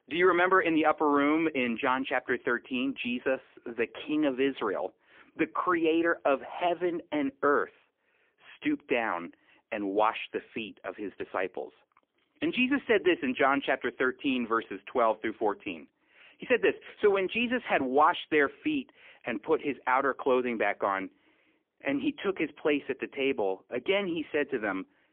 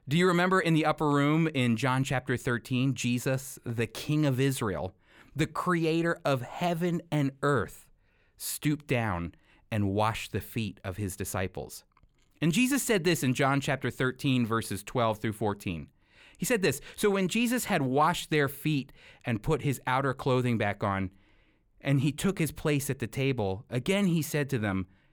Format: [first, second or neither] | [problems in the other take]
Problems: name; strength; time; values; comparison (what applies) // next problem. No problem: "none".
second | phone-call audio; poor line; nothing above 3.5 kHz